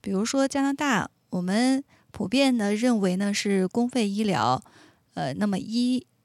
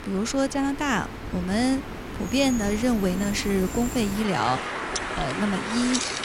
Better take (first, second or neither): first